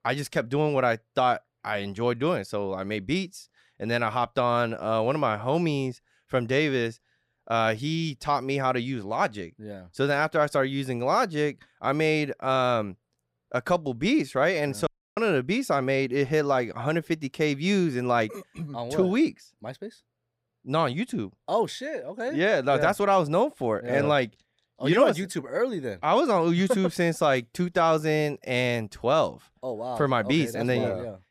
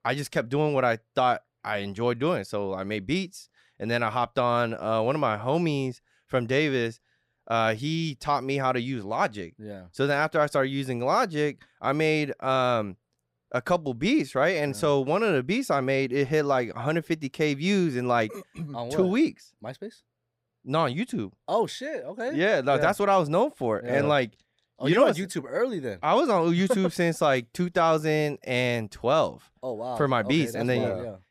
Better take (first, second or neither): second